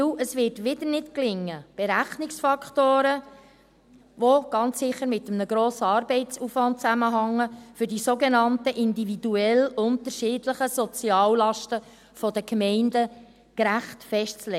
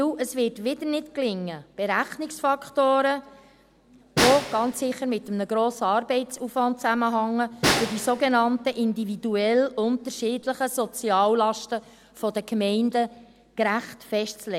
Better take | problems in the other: first | background sound (Snare drum); 6 dB below the speech

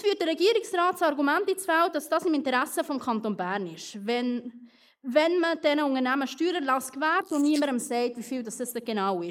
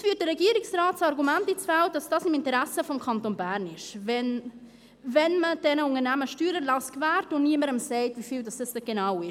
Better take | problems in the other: second | noise reduction (neural mask model Resemble Enhance denoiser)

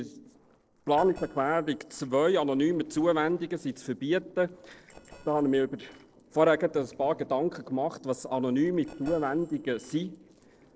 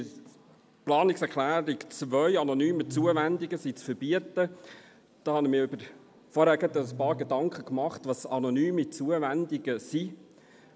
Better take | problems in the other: second | noise reduction (neural separator model SepFormer DNS4)

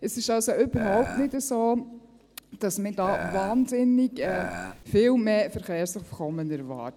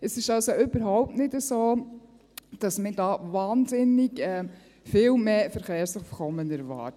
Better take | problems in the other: second | background sound (Burping, eructation); 8 dB below the speech

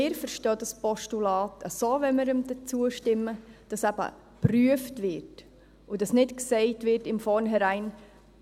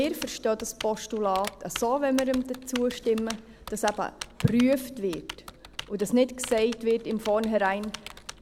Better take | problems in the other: first | background sound (Typing); 15 dB below the speech

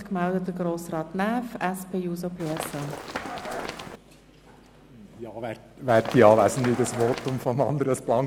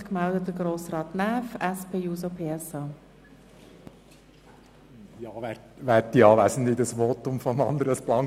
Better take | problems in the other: second | background sound (Run); 9 dB below the speech

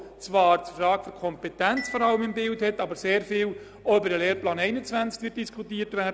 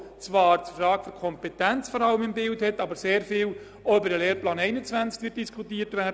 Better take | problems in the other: second | background sound (Glockenspiel); 18 dB below the speech

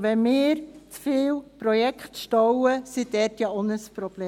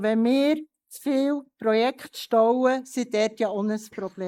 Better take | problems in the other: first | noise reduction (neural mask model Resemble Enhance denoiser)

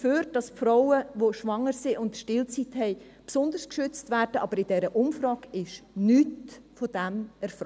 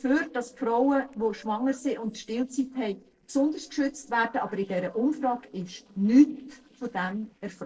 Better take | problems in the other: first | noise reduction (neural separator model SepFormer DNS4)

